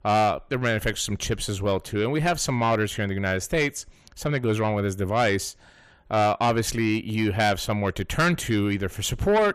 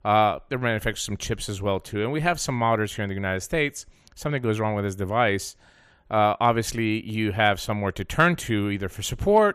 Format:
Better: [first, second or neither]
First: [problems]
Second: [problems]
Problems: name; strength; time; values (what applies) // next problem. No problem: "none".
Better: second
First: distortion; slight; 10 dB below the speech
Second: none